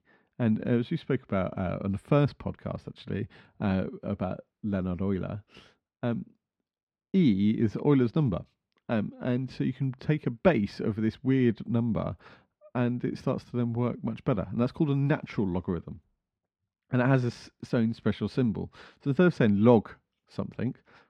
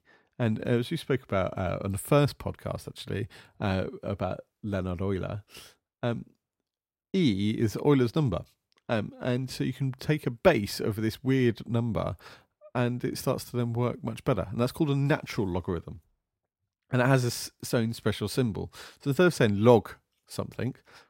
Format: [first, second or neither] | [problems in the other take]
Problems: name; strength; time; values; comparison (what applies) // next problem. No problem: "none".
second | muffled; slightly; fading above 3 kHz